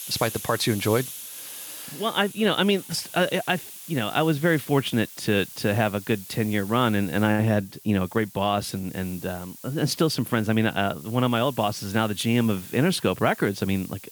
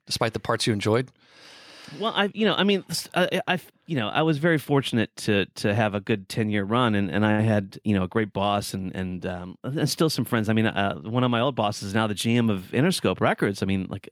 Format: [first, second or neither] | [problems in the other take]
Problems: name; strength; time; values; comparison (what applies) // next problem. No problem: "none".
second | hiss; noticeable; throughout; 15 dB below the speech